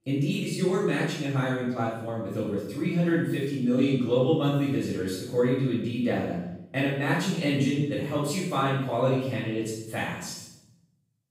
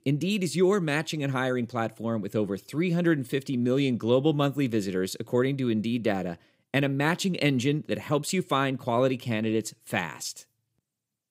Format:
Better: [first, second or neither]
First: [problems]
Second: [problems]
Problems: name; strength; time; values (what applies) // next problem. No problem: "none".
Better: second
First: room echo; strong; dies away in 0.8 s // off-mic speech; far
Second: none